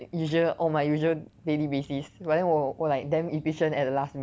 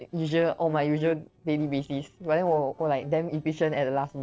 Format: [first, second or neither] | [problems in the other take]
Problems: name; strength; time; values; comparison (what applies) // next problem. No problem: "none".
first | noise reduction (neural separator model SepFormer DNS4)